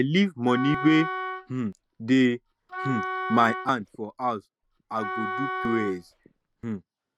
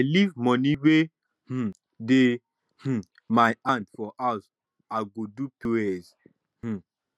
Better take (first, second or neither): second